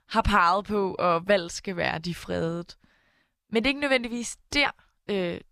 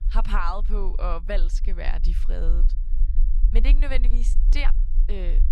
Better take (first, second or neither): first